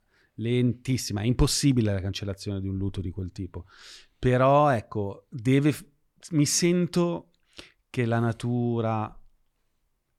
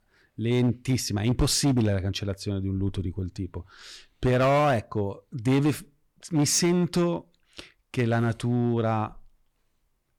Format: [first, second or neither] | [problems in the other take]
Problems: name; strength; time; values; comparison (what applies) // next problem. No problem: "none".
first | distortion; slight; 6% of the sound clipped